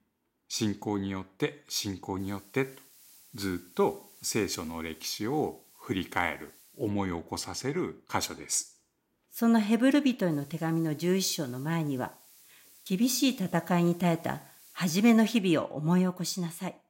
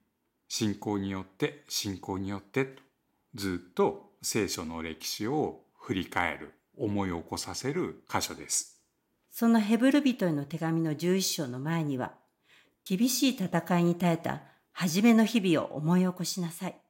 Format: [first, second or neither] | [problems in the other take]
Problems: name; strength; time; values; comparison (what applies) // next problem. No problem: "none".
second | hiss; faint; from 2 to 7 s and from 10 to 15 s; 25 dB below the speech